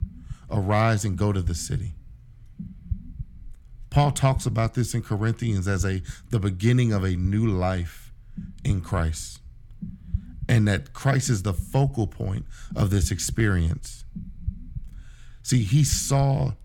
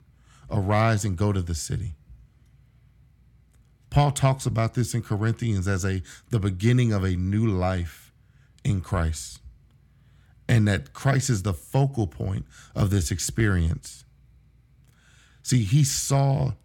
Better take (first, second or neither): second